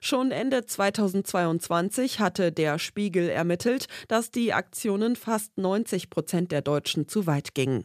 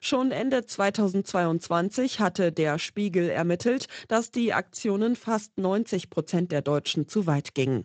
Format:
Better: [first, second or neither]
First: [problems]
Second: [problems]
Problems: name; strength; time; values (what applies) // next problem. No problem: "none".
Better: first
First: none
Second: garbled, watery; slightly; nothing above 7.5 kHz